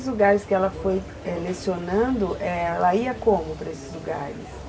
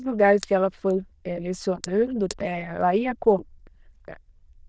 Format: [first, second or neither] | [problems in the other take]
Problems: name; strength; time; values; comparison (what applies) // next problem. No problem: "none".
first | noise reduction (neural diffusion model UNIVERSE++)